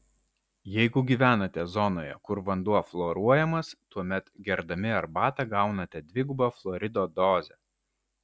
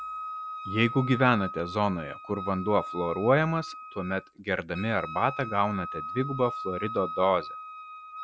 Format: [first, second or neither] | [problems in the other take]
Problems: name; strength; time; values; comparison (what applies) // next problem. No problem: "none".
first | background sound (Wind instrument, woodwind instrument); 10 dB below the speech